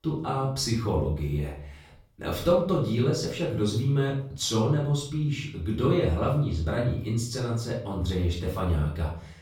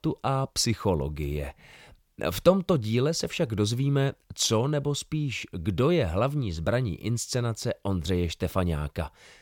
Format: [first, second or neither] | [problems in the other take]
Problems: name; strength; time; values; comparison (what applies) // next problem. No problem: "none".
second | off-mic speech; far // room echo; noticeable; dies away in 0.5 s